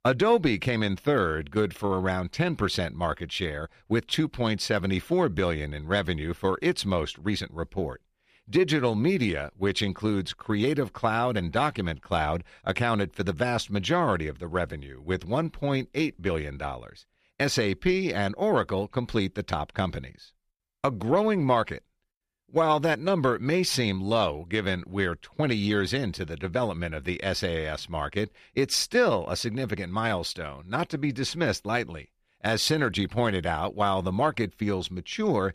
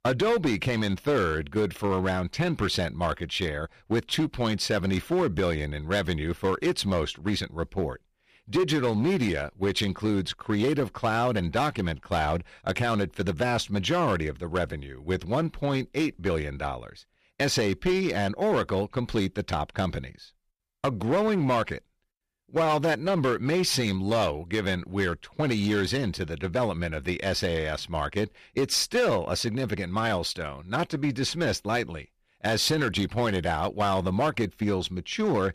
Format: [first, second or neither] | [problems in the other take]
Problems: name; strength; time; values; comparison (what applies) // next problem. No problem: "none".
first | distortion; slight; 7% of the sound clipped